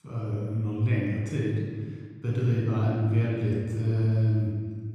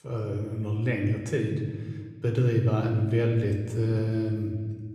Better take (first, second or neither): second